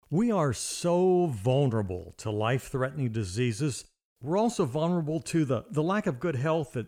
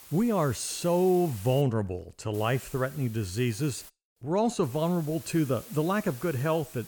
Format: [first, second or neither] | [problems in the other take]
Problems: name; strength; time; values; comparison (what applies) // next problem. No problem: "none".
first | hiss; noticeable; until 1.5 s, from 2.5 to 4 s and from 4.5 s on; 15 dB below the speech